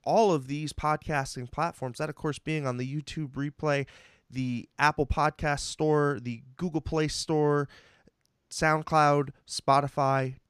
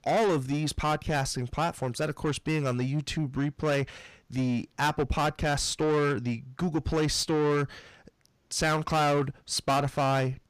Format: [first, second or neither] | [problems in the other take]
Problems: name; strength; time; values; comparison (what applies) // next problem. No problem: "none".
first | distortion; heavy; 6 dB below the speech